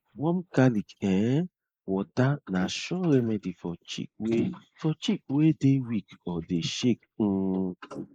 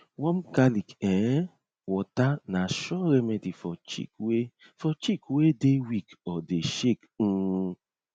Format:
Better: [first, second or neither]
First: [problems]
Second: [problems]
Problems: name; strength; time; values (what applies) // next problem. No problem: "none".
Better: second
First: noise reduction (neural mask model Resemble Enhance denoiser)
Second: none